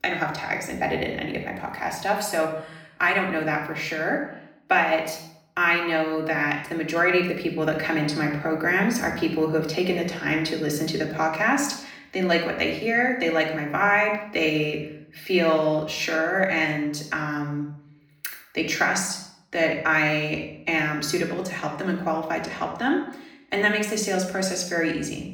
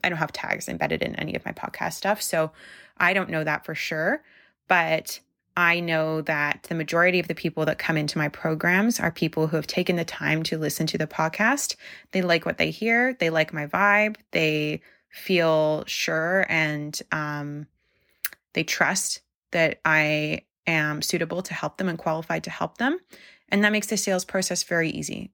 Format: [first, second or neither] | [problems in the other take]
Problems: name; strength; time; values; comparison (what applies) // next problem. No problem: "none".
second | off-mic speech; far // room echo; noticeable; dies away in 0.7 s